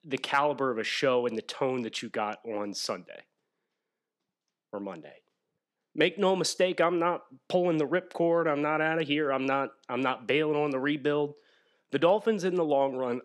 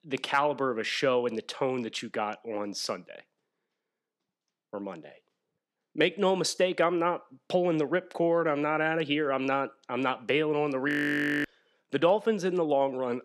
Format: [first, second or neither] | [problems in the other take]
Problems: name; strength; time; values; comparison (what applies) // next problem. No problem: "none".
first | audio freezing; at 11 s for 0.5 s